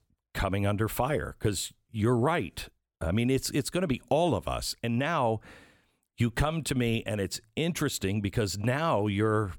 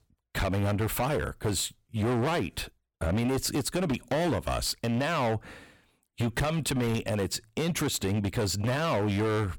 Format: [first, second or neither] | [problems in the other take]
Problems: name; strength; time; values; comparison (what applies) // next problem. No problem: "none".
first | distortion; heavy; 19% of the sound clipped